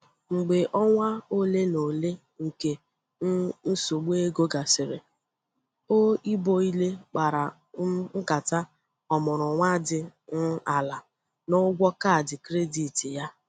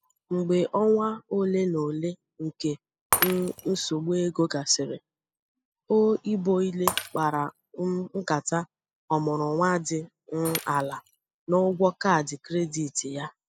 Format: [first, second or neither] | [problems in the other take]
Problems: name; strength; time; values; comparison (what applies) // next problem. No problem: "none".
first | noise reduction (classical method spectral subtraction)